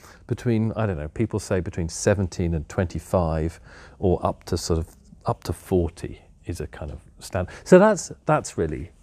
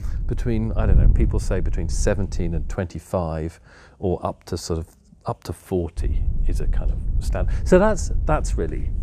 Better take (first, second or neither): first